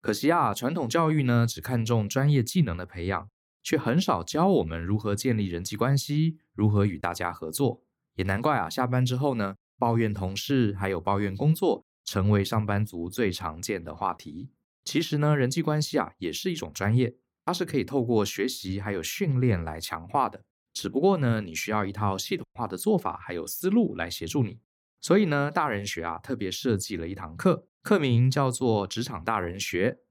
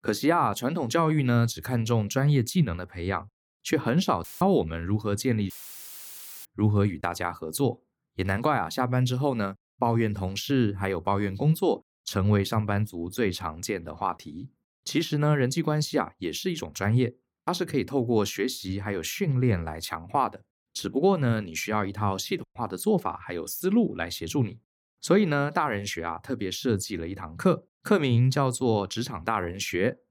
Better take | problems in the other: first | audio cutting out; filled with static; at 4 s and at 5.5 s for 1 s

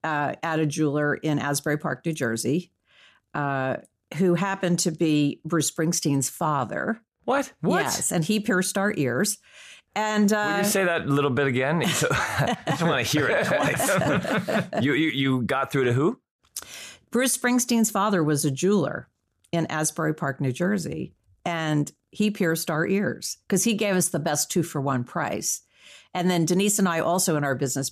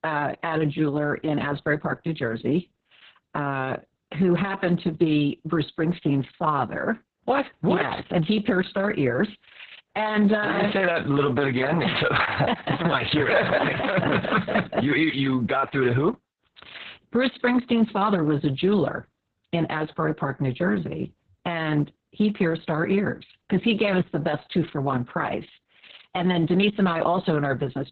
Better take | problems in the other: first | garbled, watery; badly; nothing above 4 kHz

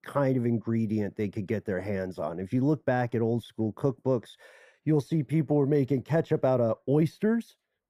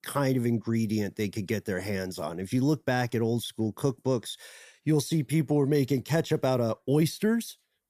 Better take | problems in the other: second | muffled; very; fading above 3 kHz

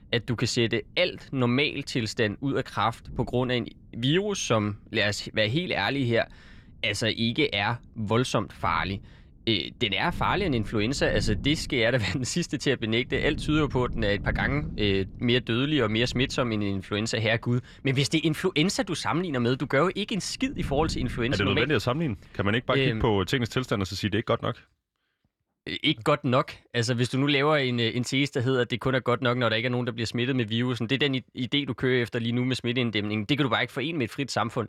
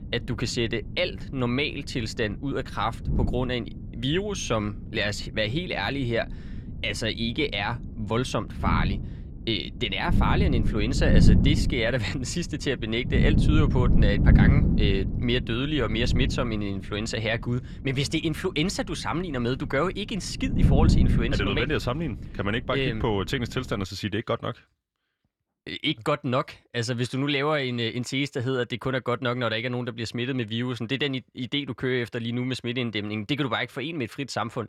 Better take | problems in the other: first | wind noise on the microphone; heavy; until 24 s; 6 dB below the speech; occasional gusts in the first

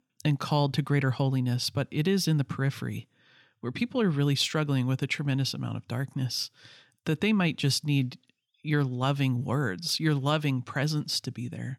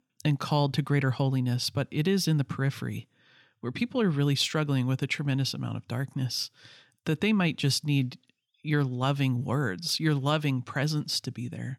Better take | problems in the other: neither | none

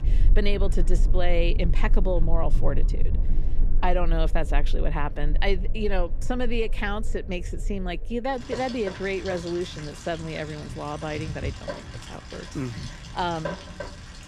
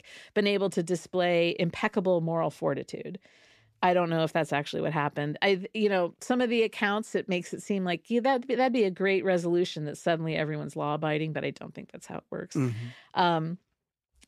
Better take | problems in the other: second | rain or running water; loud; throughout; as loud as the speech

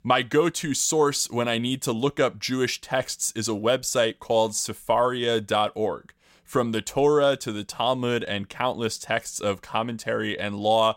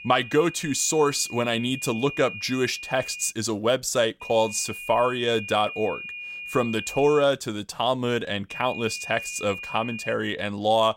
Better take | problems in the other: first | high-pitched whine; noticeable; until 3.5 s, from 4 to 7.5 s and from 8.5 to 10 s; 2.5 kHz, 10 dB below the speech

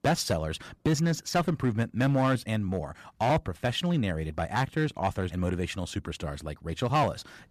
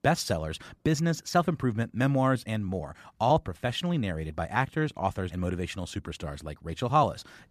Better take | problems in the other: second | distortion; slight; 5% of the sound clipped

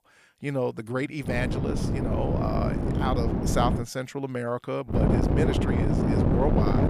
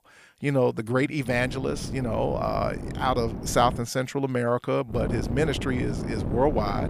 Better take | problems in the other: second | wind noise on the microphone; heavy; from 1.5 to 4 s and from 5 s on; as loud as the speech; occasional gusts in the second

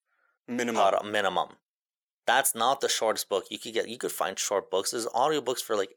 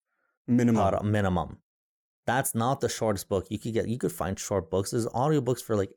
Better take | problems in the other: second | thin; very; fading below 550 Hz

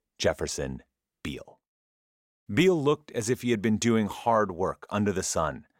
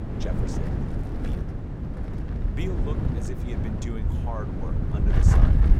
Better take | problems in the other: first | wind noise on the microphone; heavy; 3 dB above the speech

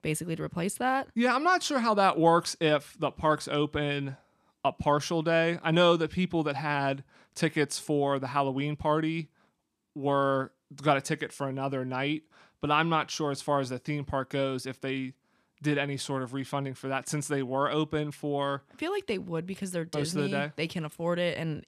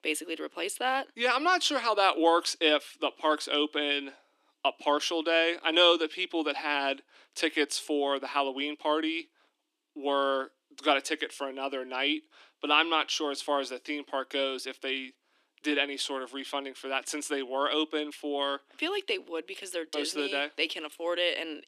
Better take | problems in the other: first | thin; very slightly; fading below 300 Hz

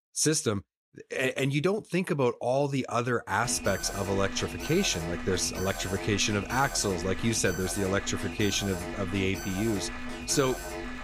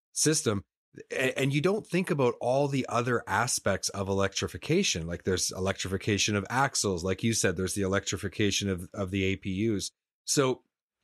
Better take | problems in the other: second | alarm; noticeable; from 3.5 s on; peak 8 dB below the speech

